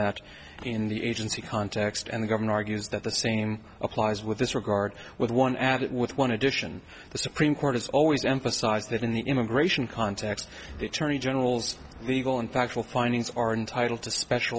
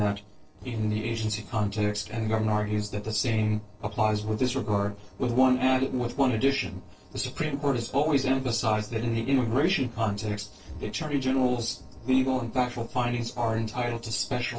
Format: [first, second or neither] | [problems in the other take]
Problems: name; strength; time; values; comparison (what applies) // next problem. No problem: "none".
first | noise reduction (neural separator model SepFormer DNS4)